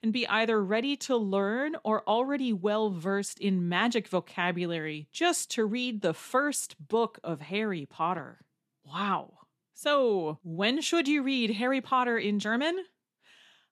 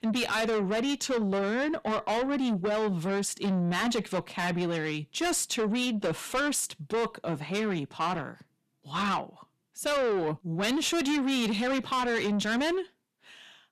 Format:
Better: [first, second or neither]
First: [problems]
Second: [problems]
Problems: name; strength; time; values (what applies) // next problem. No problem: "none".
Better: first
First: none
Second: distortion; heavy; 6 dB below the speech